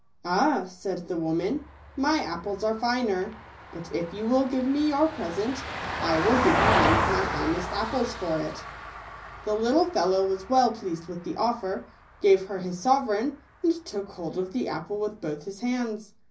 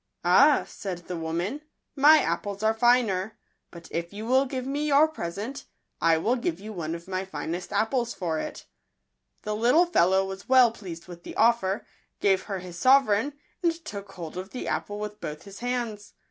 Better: second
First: background sound (Vehicle); 6 dB below the speech // room echo; dies away in 0.5 s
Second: none

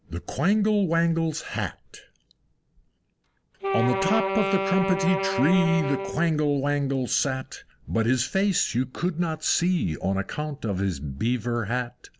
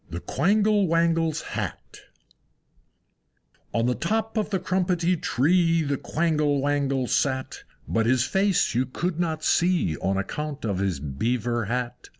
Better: second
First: background sound (Wind instrument, woodwind instrument); 3 dB below the speech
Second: none

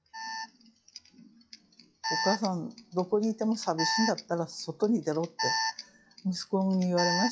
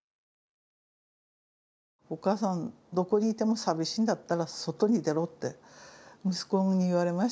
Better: second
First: noise reduction (classical method log-MMSE)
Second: none

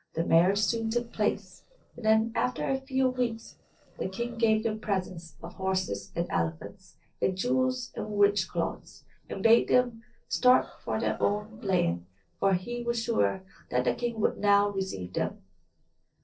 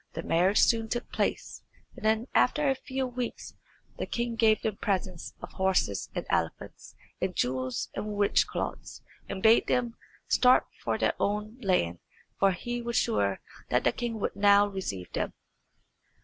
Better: second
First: noise reduction (neural separator model SepFormer DNS4)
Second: none

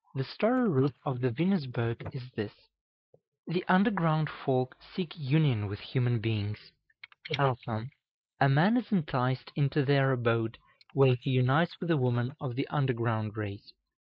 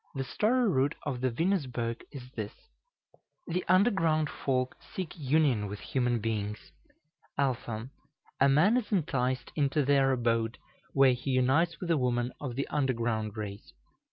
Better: second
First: noise reduction (neural mask model Resemble Enhance denoiser)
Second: none

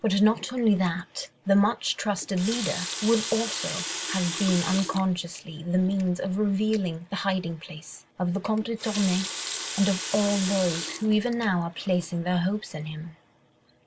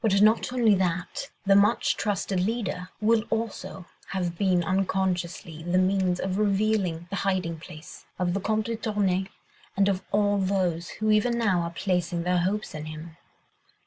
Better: second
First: background sound (Water tap, faucet); 10 dB below the speech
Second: none

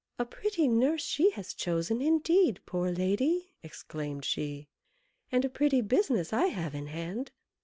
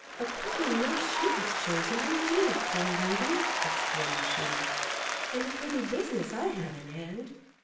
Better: first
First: none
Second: background sound (Applause); 1 dB above the speech // room echo; dies away in 0.6 s

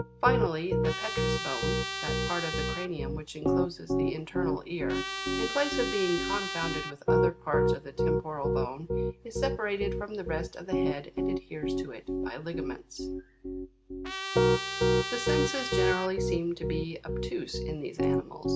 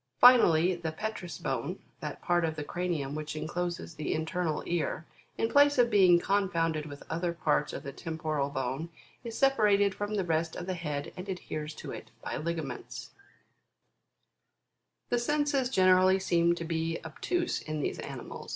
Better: second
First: background sound (Trumpet + Piano); 5 dB above the speech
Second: none

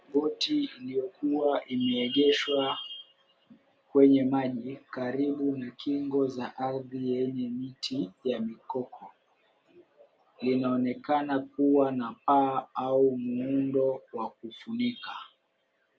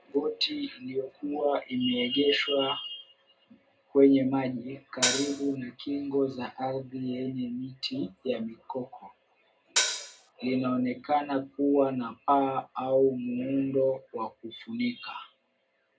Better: first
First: none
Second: background sound (Hi-hat); as loud as the speech // room echo; dies away in 0.2 s

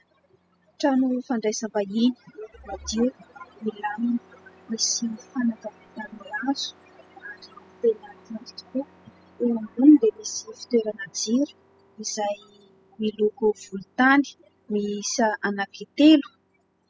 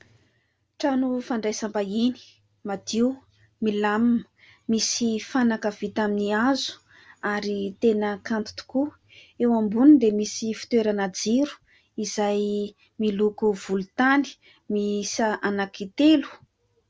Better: second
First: noise reduction (classical method spectral subtraction)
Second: none

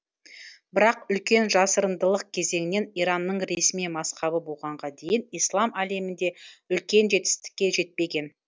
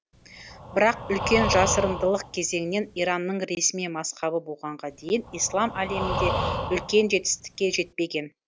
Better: first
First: none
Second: background sound (Breathing); 5 dB below the speech

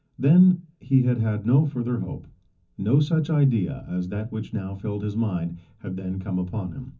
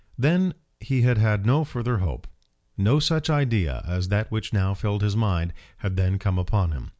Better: second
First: room echo; dies away in 0.3 s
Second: none

